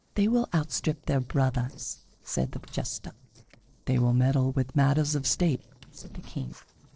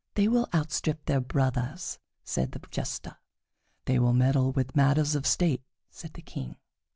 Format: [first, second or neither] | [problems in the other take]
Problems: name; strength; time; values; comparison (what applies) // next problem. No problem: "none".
second | noise reduction (neural separator model SepFormer DNS4)